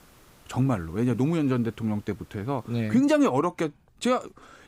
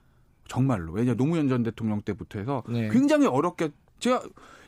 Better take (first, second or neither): second